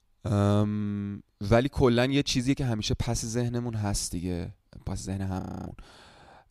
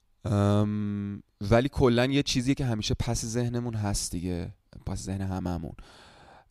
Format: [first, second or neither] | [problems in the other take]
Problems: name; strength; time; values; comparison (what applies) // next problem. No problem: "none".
second | audio freezing; at 5.5 s